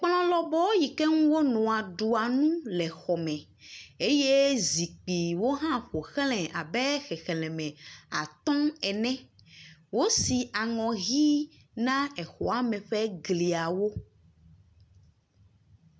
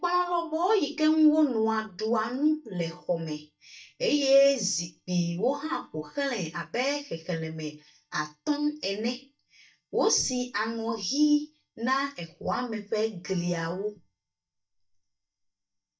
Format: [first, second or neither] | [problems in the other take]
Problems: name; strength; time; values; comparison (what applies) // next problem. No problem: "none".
first | noise reduction (neural mask model DeepFilterNet 3)